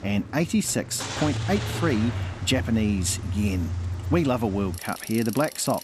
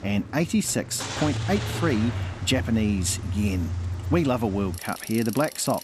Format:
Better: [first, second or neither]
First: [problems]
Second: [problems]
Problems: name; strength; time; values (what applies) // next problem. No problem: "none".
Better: neither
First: traffic noise; loud; throughout; 6 dB below the speech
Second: traffic noise; loud; throughout; 6 dB below the speech